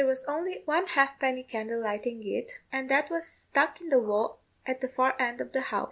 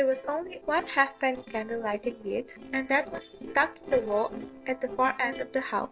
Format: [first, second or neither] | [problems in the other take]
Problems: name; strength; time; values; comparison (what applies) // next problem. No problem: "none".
first | noise reduction (neural separator model SepFormer DNS4)